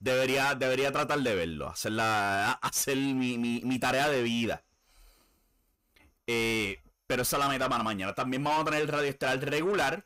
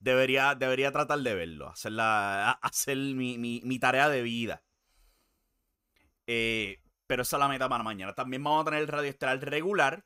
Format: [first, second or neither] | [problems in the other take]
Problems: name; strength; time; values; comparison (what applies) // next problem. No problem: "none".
second | distortion; heavy; 6 dB below the speech